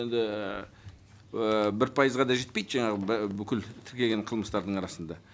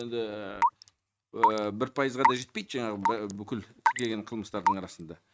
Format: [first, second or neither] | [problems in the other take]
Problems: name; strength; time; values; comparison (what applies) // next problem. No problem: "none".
first | noise reduction (neural mask model RNNoise)